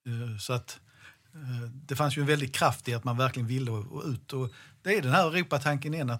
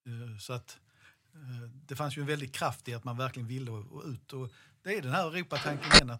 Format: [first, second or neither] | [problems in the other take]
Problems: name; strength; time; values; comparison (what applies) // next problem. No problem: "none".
first | phone ringing; very faint; at 6 s; peak 15 dB above the speech